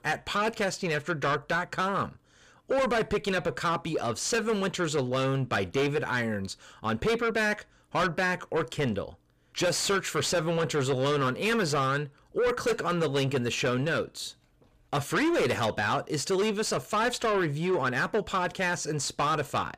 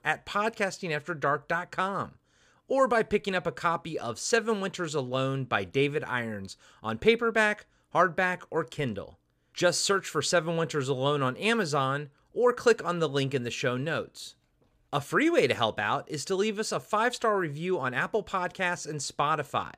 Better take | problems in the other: second | distortion; heavy; 6 dB below the speech

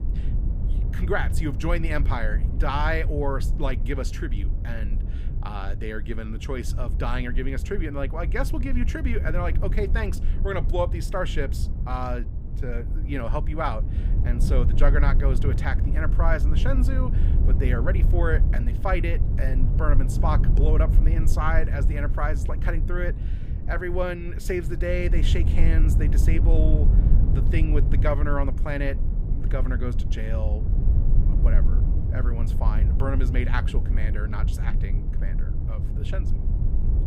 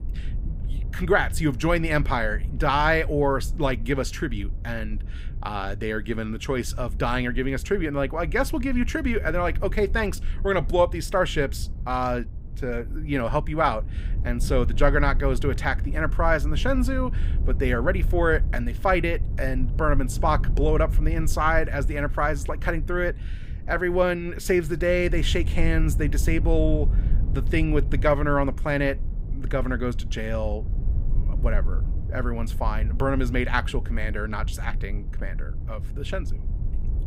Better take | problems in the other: second | low rumble; loud; throughout; 10 dB below the speech; faint in the second

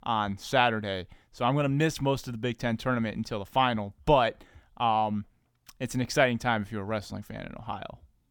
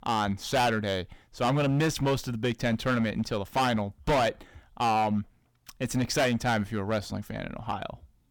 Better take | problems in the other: first | distortion; heavy; 9% of the sound clipped

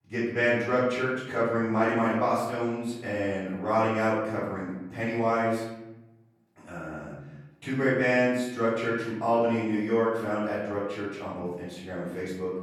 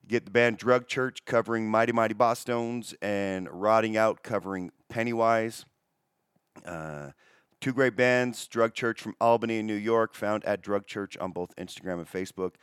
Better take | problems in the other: second | off-mic speech; far // room echo; noticeable; dies away in 1.1 s

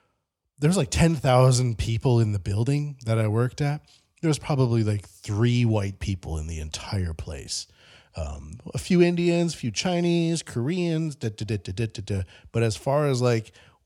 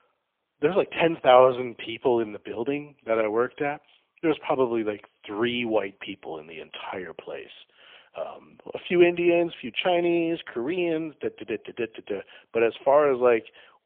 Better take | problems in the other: first | phone-call audio; poor line; nothing above 3 kHz

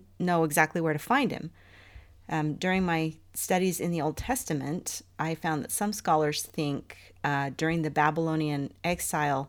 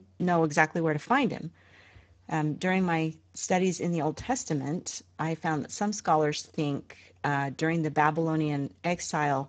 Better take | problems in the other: first | garbled, watery; badly; nothing above 7.5 kHz

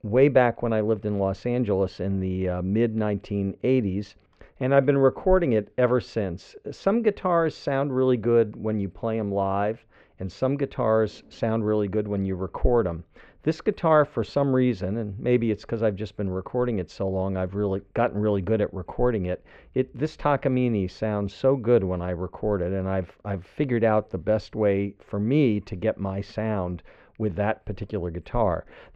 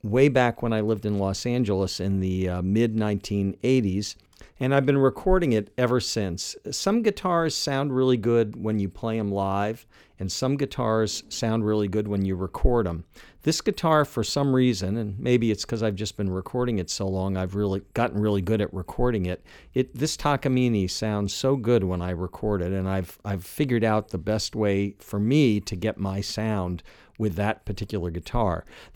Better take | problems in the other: second | muffled; very; fading above 2 kHz

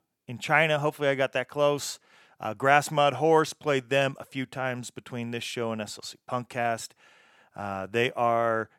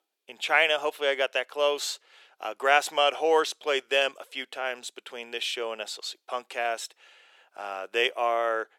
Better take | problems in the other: first | thin; very; fading below 400 Hz

